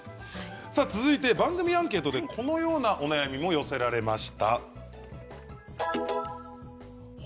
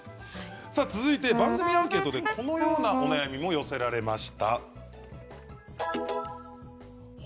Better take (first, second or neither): first